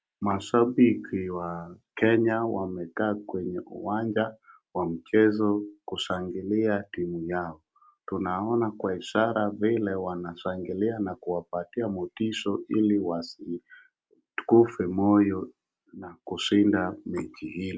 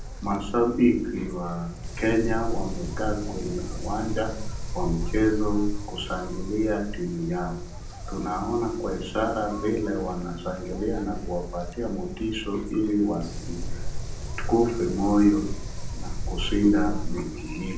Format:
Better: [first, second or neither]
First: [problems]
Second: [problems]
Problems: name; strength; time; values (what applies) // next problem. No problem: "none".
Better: first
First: none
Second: background sound (Wind); 4 dB below the speech // room echo; dies away in 0.6 s